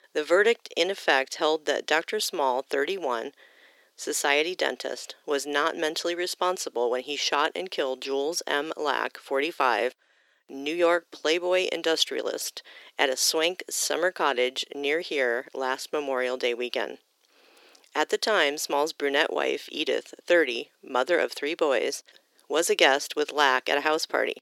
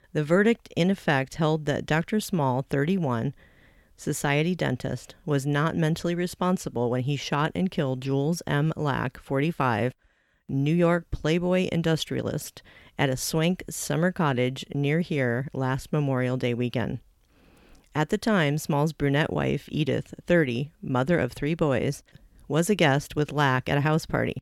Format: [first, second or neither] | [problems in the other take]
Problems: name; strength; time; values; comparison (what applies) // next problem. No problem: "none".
second | thin; very; fading below 350 Hz